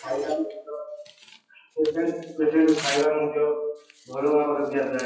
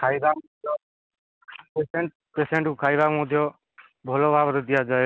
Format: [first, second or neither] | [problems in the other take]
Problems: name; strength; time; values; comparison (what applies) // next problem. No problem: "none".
second | noise reduction (classical method WPE with log-MMSE)